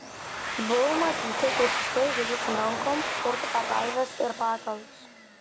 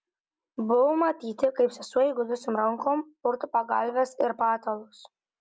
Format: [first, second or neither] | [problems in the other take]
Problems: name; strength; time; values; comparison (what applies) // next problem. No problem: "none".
second | background sound (Domestic sounds, home sounds); 2 dB below the speech